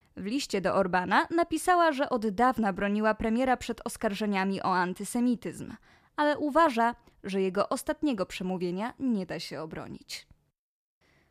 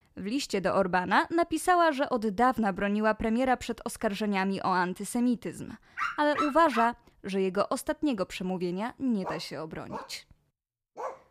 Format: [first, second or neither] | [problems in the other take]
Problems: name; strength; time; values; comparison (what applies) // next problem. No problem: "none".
first | dog barking; noticeable; at 6 s; peak 4 dB below the speech // dog barking; faint; from 9 s on; peak 10 dB below the speech